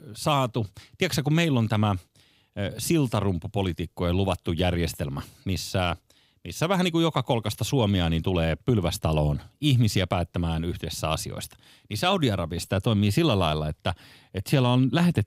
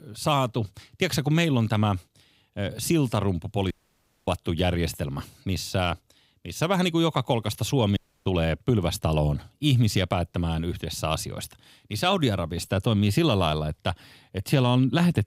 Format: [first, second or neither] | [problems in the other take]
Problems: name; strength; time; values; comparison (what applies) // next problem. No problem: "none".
first | audio cutting out; at 3.5 s for 0.5 s and at 8 s